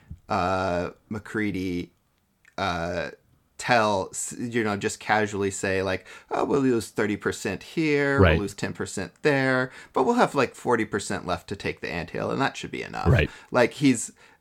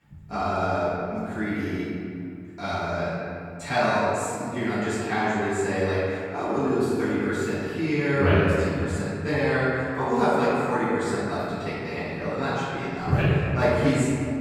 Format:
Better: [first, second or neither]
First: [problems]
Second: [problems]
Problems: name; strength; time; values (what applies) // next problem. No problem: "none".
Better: first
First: none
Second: off-mic speech; far // room echo; strong; dies away in 2.6 s